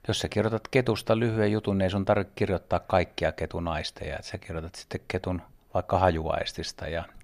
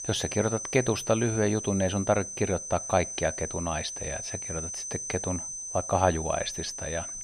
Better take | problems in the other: first | high-pitched whine; loud; throughout; 6 kHz, 5 dB below the speech

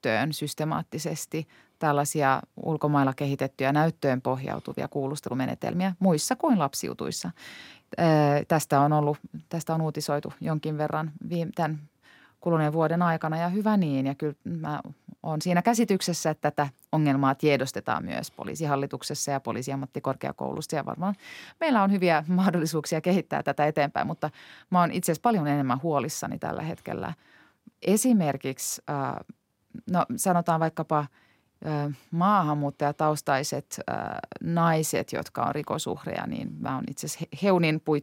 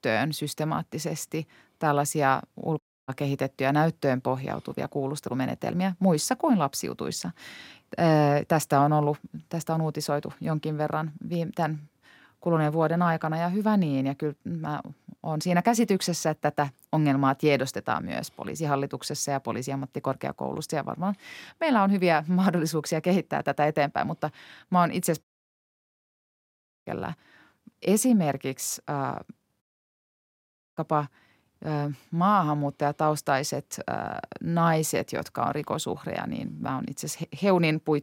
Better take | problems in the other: first | audio cutting out; at 3 s, at 25 s for 1.5 s and at 30 s for 1 s

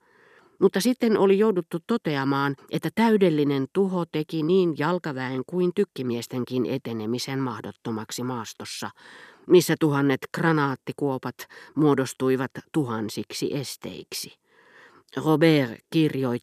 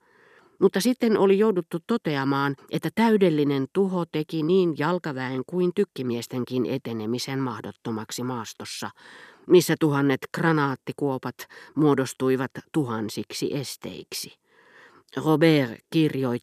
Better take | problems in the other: neither | none

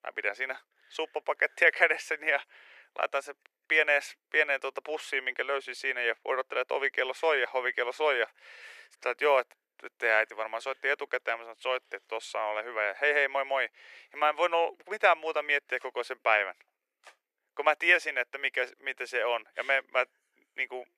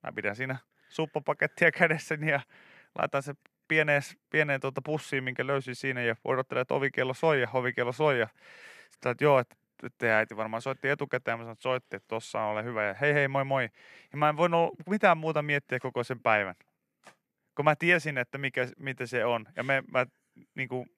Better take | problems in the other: second | thin; very; fading below 400 Hz

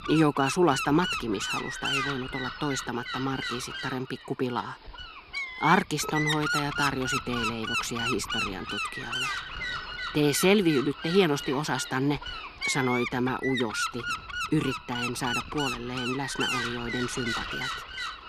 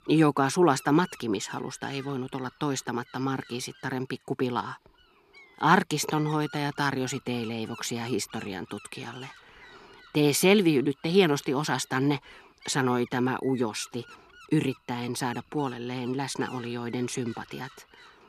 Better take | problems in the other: second | wind noise on the microphone; heavy; 1 dB below the speech; occasional gusts in the second

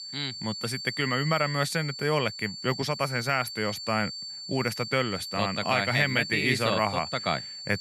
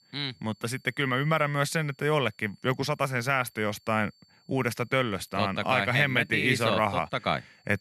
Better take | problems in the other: second | high-pitched whine; loud; throughout; 4.5 kHz, 7 dB below the speech; faint in the second

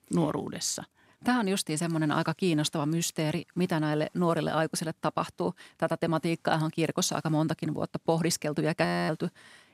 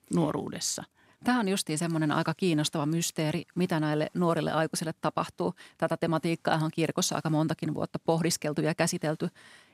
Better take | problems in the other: second | audio freezing; at 9 s

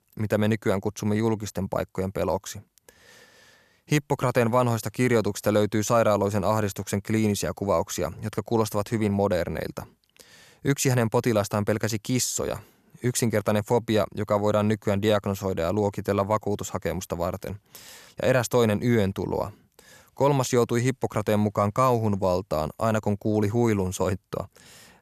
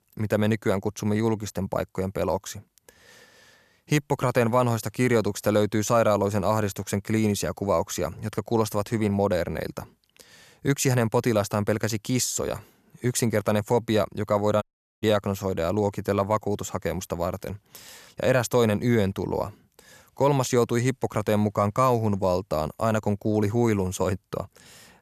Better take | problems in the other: first | audio cutting out; at 15 s

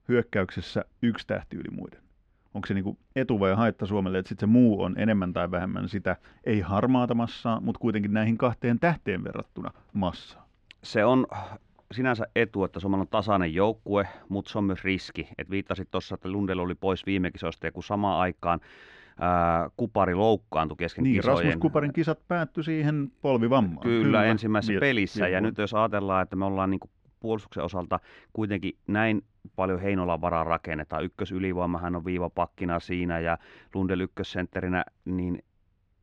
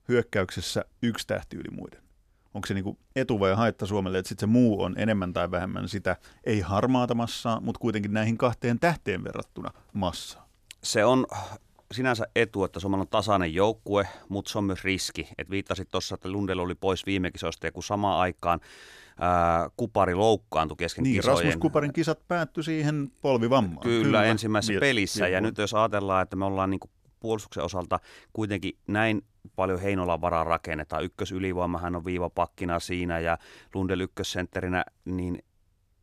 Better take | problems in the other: second | muffled; slightly; fading above 2.5 kHz

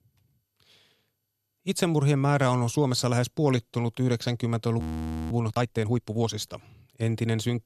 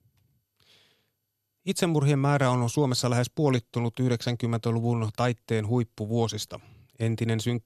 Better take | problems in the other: second | audio freezing; at 5 s for 0.5 s

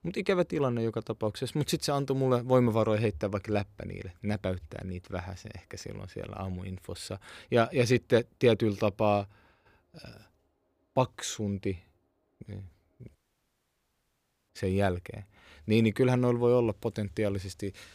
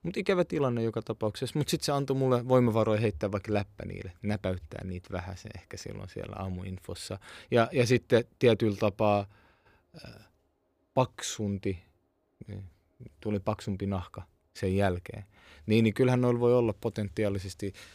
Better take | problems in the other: second | audio cutting out; at 13 s for 1.5 s

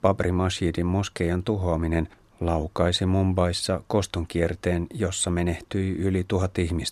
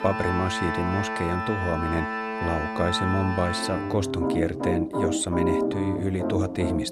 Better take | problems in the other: first | background music; very loud; throughout; as loud as the speech

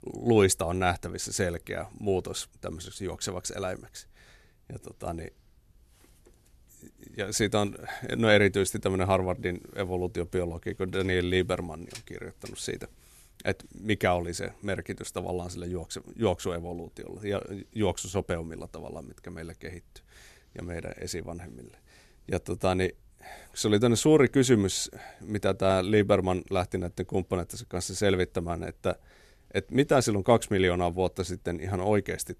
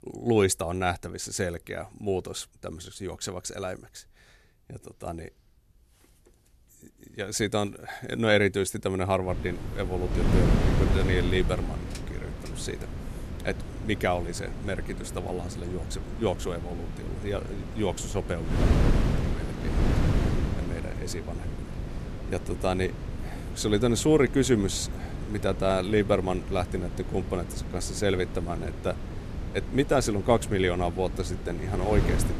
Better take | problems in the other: first | wind noise on the microphone; heavy; from 9.5 s on; 9 dB below the speech

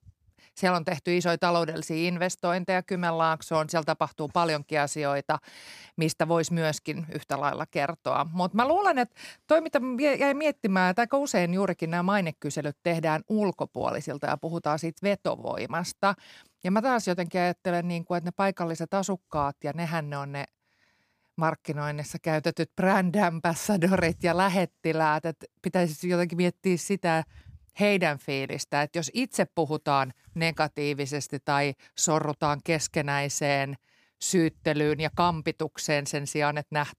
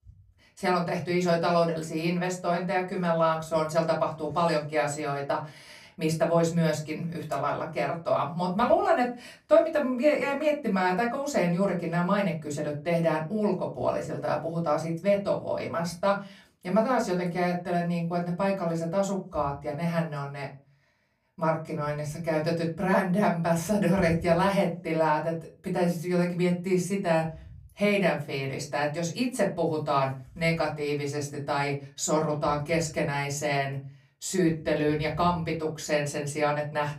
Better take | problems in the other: first | off-mic speech; far // room echo; very slight; dies away in 0.4 s

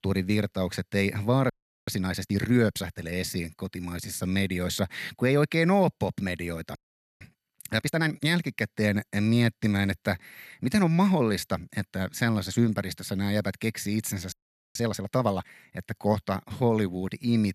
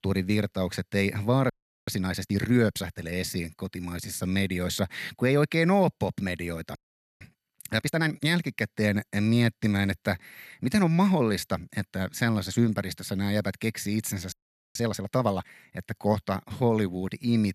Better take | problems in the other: neither | audio freezing; at 1.5 s, at 7 s and at 14 s; the same in both

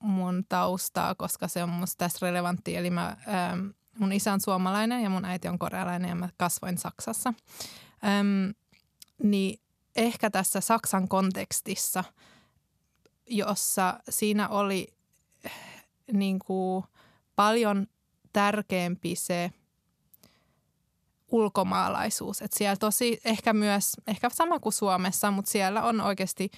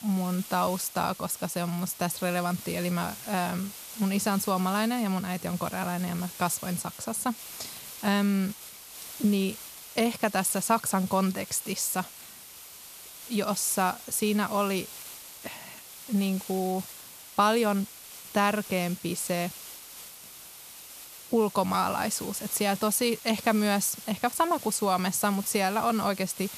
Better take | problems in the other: first | hiss; noticeable; throughout; 15 dB below the speech

